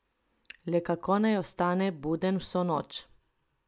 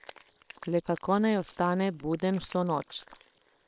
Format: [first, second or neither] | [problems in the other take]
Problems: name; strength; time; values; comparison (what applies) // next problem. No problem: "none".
first | noise reduction (neural separator model SepFormer WHAM!)